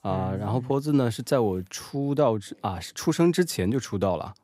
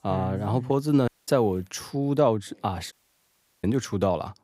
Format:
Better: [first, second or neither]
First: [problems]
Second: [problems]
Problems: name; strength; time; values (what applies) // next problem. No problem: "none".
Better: first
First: none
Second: audio cutting out; at 1 s and at 3 s for 0.5 s